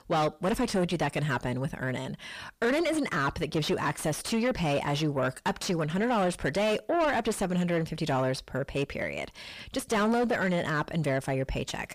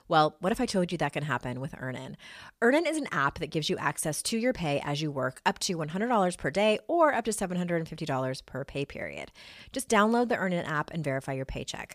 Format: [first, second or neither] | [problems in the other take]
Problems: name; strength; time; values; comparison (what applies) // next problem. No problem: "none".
second | distortion; heavy; 6 dB below the speech